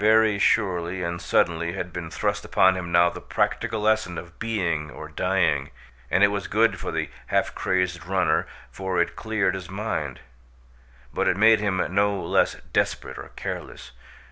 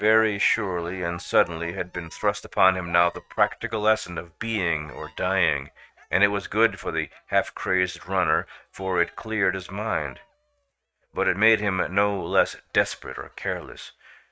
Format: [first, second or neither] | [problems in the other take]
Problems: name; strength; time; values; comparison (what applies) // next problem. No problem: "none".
first | noise reduction (neural mask model RNNoise)